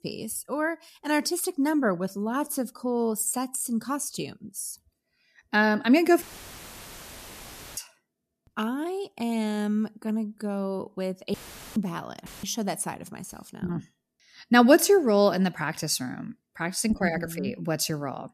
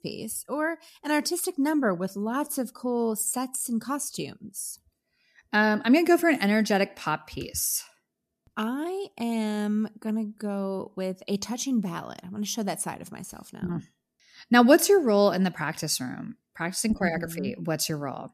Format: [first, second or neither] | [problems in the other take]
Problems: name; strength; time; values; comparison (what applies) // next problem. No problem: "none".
second | audio cutting out; filled with static; at 6 s for 1.5 s, at 11 s and at 12 s